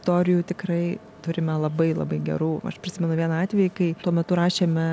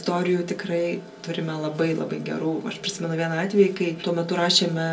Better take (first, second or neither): first